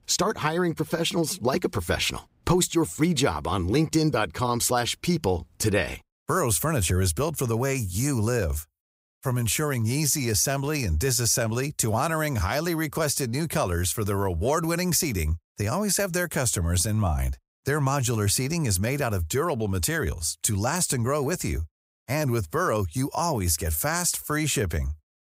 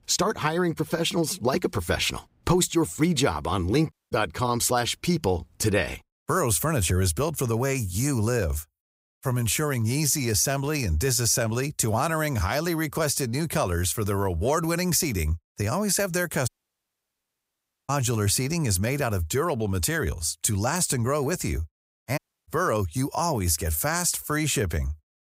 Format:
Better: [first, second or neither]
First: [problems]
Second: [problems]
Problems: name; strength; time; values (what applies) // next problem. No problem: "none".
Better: first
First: none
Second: audio cutting out; at 4 s, at 16 s for 1.5 s and at 22 s